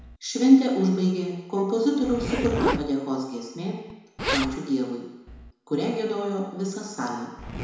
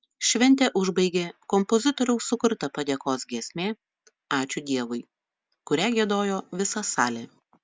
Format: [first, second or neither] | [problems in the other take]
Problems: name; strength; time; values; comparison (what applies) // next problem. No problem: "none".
second | background sound (Zipper (clothing)); 9 dB below the speech // room echo; dies away in 1 s